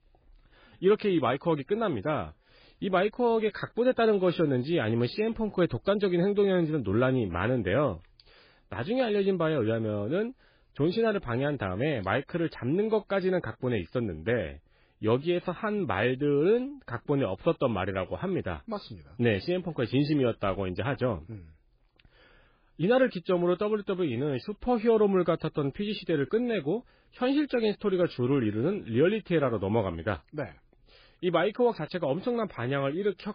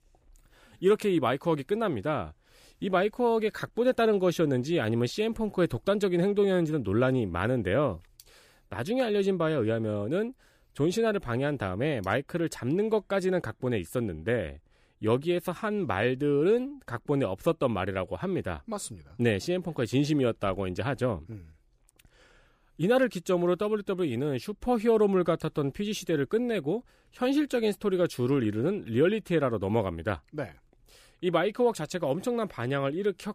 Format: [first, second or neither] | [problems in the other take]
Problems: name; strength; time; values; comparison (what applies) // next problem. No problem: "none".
second | garbled, watery; badly; nothing above 4.5 kHz